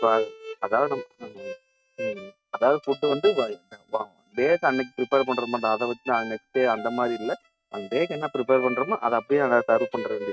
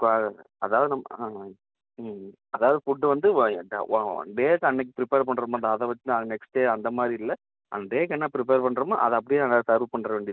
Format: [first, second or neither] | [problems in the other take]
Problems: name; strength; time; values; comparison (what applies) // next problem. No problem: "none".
second | noise reduction (neural mask model RNNoise)